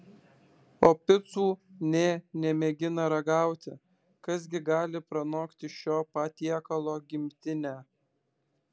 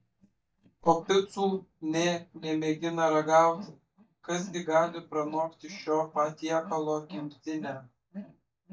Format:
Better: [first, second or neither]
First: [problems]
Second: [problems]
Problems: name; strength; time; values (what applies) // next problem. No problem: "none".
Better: first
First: none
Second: noise reduction (neural mask model DeepFilterNet 3)